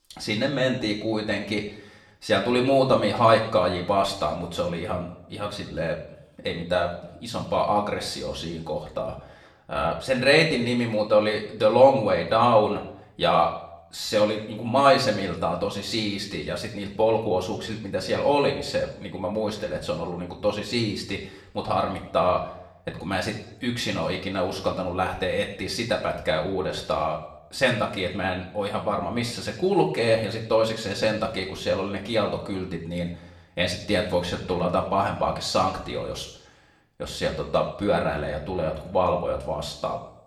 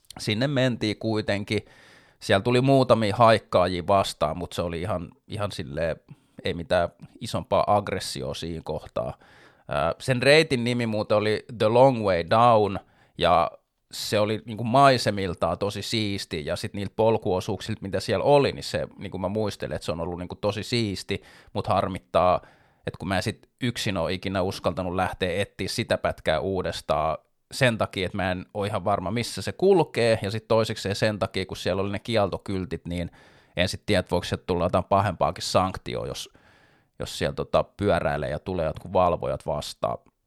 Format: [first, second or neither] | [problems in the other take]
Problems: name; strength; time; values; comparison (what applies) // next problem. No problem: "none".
second | room echo; slight; dies away in 0.7 s // off-mic speech; somewhat distant